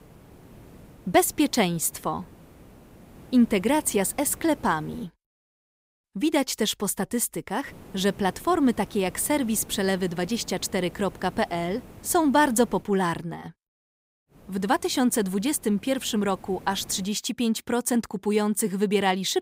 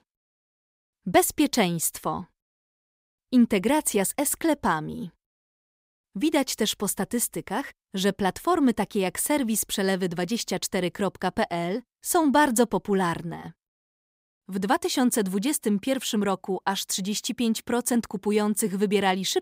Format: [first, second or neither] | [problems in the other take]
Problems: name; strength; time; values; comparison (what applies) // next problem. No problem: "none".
second | hiss; faint; until 5 s, from 7.5 to 13 s and from 14 to 17 s; 25 dB below the speech